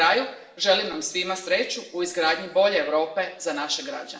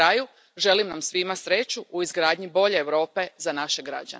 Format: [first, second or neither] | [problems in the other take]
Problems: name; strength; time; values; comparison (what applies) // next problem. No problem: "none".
second | room echo; dies away in 0.8 s